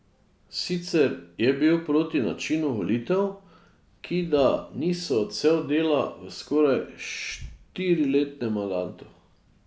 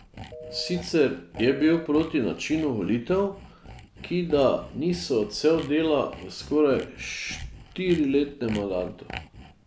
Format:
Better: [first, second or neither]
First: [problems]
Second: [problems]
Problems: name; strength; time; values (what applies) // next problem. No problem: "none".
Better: first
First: none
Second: background sound (Telephone + Sawing); 17 dB below the speech